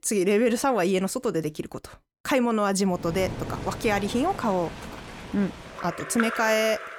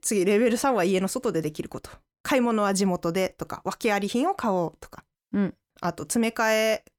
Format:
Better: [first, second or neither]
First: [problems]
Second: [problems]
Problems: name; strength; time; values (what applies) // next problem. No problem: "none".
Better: second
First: rain or running water; loud; from 3 s on; 10 dB below the speech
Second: none